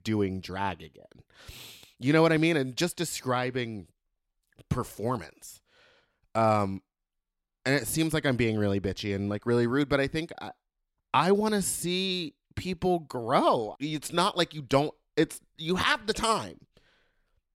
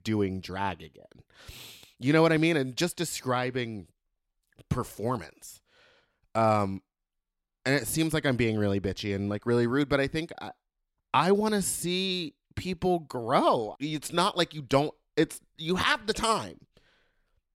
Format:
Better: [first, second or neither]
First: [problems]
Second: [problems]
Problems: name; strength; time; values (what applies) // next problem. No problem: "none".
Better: neither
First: none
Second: none